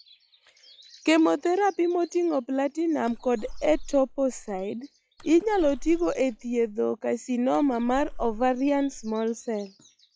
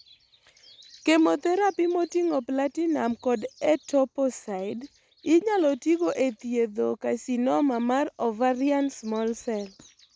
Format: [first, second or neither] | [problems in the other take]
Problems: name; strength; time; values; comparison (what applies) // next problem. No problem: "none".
second | noise reduction (classical method log-MMSE)